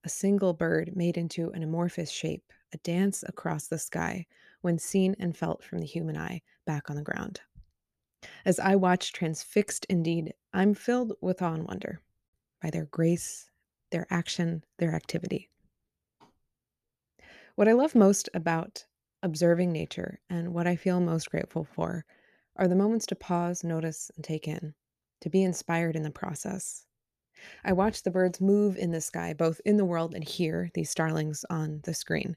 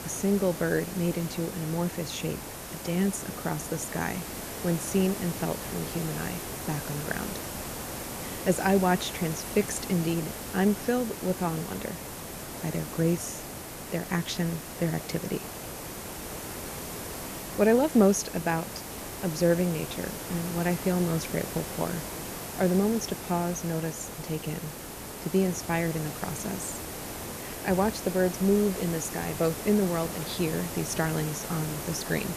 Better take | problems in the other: first | hiss; loud; throughout; 7 dB below the speech

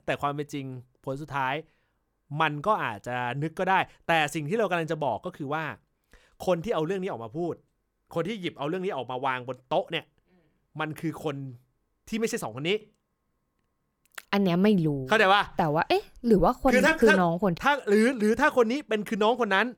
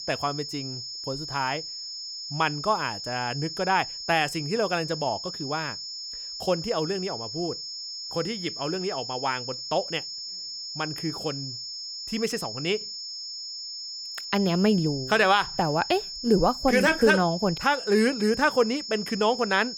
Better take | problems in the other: first | high-pitched whine; loud; throughout; 5.5 kHz, 7 dB below the speech

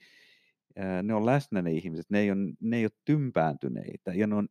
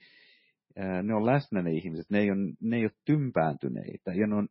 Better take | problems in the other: first | garbled, watery; badly; nothing above 5.5 kHz

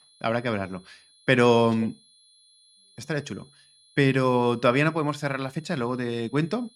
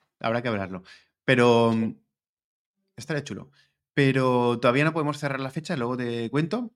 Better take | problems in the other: second | high-pitched whine; faint; throughout; 4 kHz, 30 dB below the speech

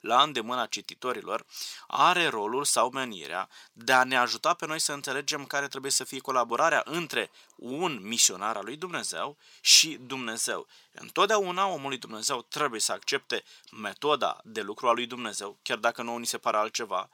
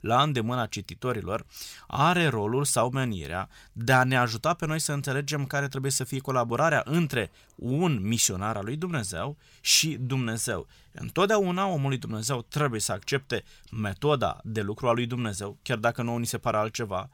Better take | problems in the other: second | thin; somewhat; fading below 250 Hz

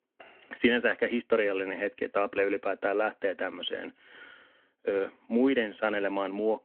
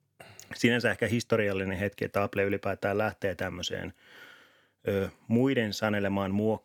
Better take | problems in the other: second | phone-call audio; nothing above 3.5 kHz

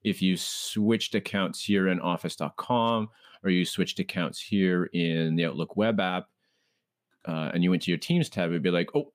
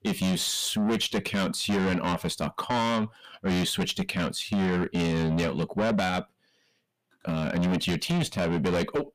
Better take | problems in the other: first | distortion; heavy; 6 dB below the speech

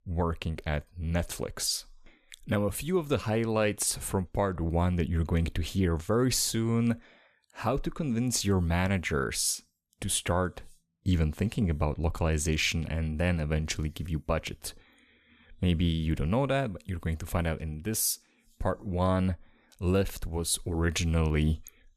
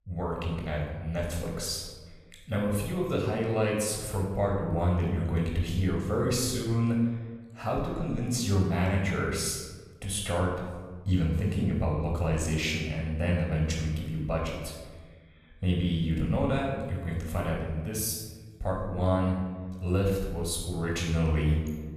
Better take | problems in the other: first | off-mic speech; somewhat distant // room echo; noticeable; dies away in 1.1 s

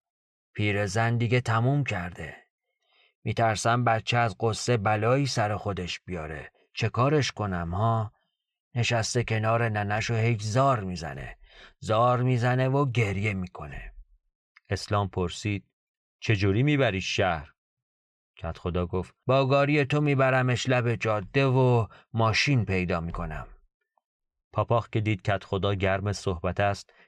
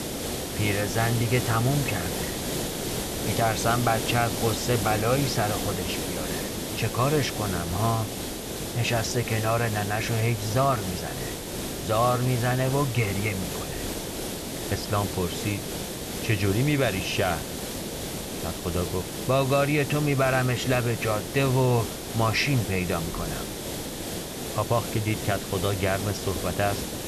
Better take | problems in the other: first | hiss; loud; throughout; 5 dB below the speech

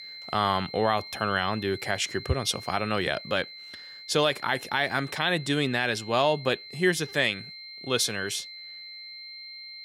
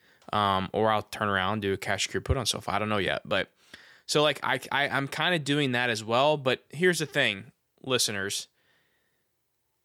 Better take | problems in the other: second | high-pitched whine; noticeable; throughout; 4 kHz, 15 dB below the speech

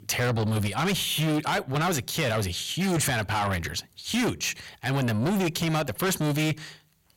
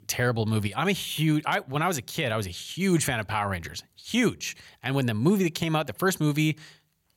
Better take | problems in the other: second | distortion; heavy; 6 dB below the speech

